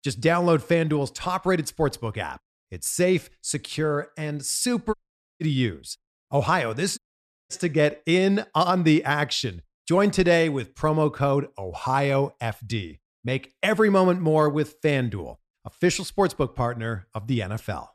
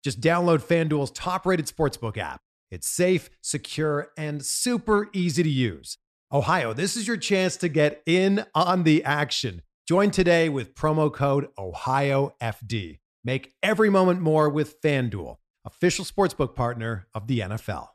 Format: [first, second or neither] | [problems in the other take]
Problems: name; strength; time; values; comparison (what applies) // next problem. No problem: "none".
second | audio cutting out; at 5 s and at 7 s for 0.5 s